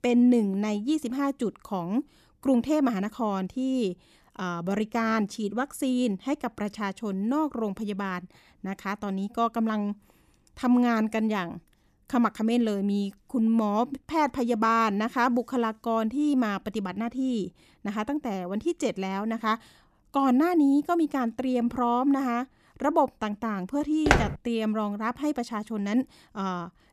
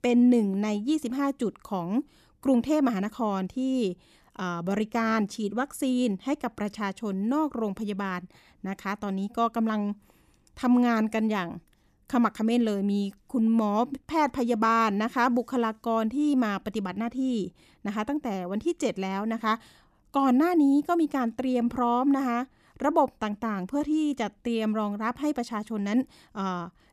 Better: second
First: footsteps; loud; at 24 s; peak 3 dB above the speech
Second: none

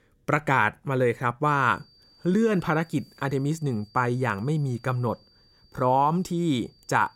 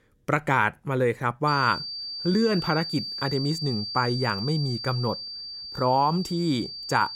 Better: first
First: high-pitched whine; faint; from 1.5 s on; 4.5 kHz, 30 dB below the speech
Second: high-pitched whine; loud; from 1.5 s on; 4.5 kHz, 6 dB below the speech

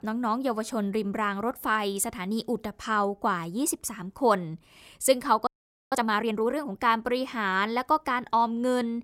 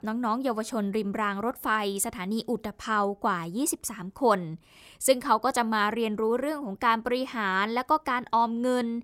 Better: second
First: audio freezing; at 5.5 s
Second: none

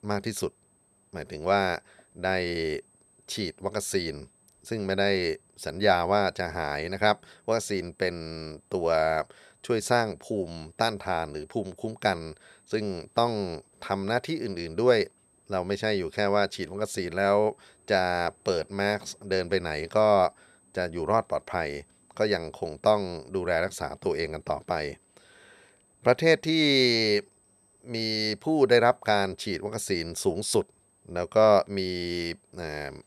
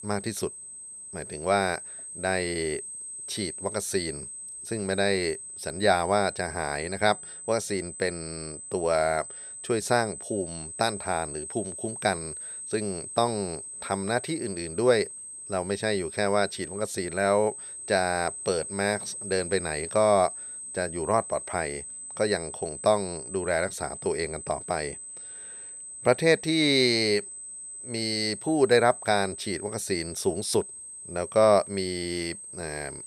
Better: first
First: high-pitched whine; faint; throughout; 8 kHz, 35 dB below the speech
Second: high-pitched whine; loud; throughout; 8 kHz, 10 dB below the speech

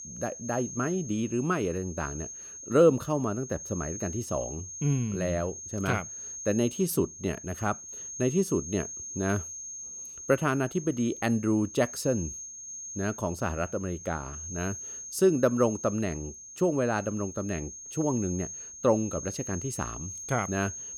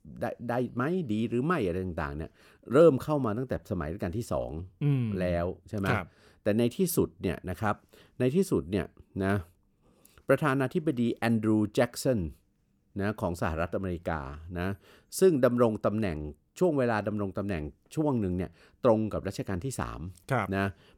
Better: second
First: high-pitched whine; loud; throughout; 6.5 kHz, 9 dB below the speech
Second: none

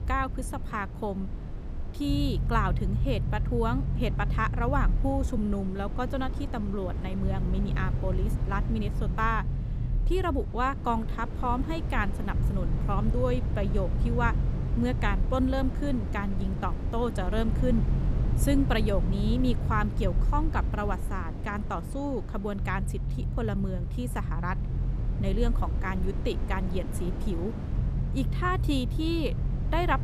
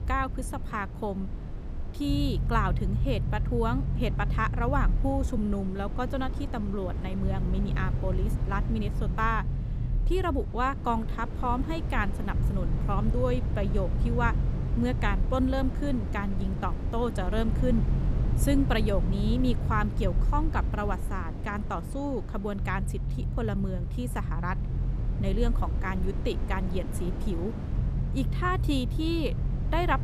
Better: neither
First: low rumble; noticeable; throughout; 10 dB below the speech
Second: low rumble; noticeable; throughout; 10 dB below the speech

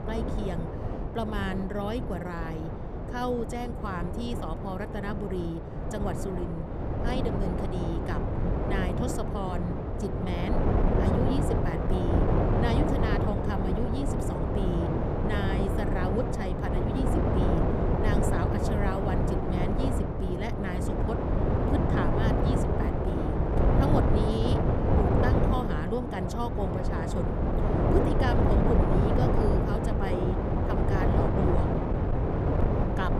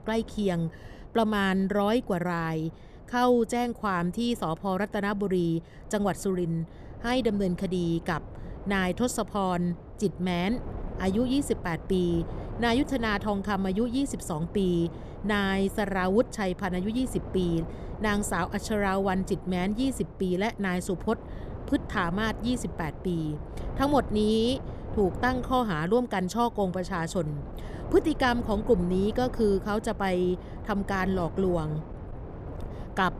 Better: second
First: wind noise on the microphone; heavy; 4 dB above the speech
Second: wind noise on the microphone; occasional gusts; 15 dB below the speech

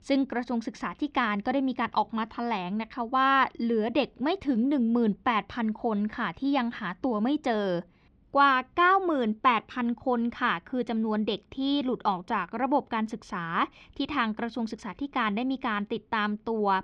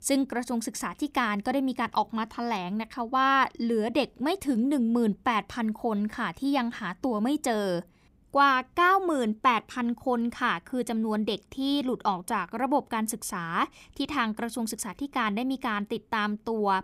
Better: second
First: muffled; very slightly; fading above 4.5 kHz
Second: none

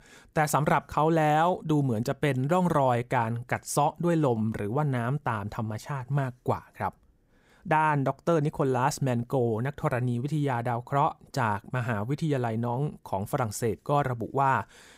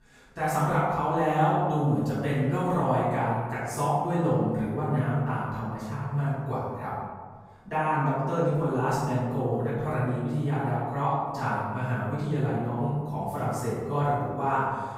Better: first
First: none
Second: off-mic speech; far // room echo; strong; dies away in 1.4 s

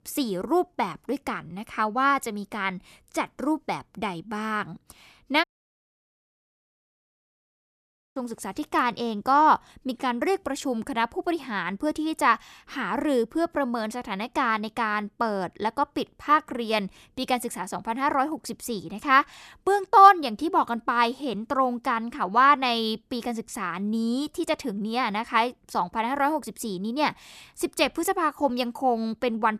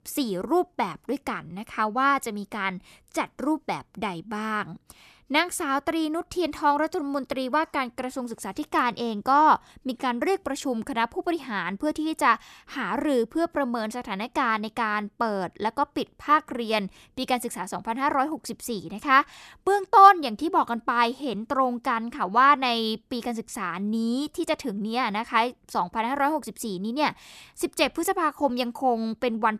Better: second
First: audio cutting out; at 5.5 s for 2.5 s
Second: none

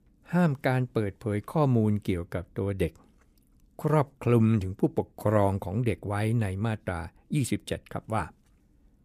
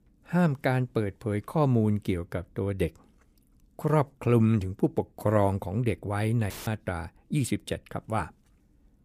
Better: first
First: none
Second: audio cutting out; filled with static; at 6.5 s

